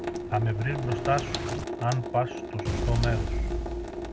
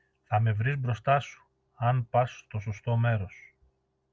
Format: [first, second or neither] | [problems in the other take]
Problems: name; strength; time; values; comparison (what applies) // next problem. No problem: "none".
second | background sound (Sink (filling or washing) / Water tap, faucet + Explosion); 1 dB below the speech